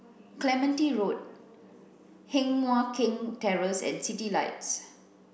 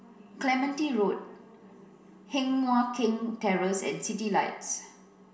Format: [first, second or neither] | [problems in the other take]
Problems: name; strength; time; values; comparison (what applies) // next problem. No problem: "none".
first | room echo; dies away in 0.2 s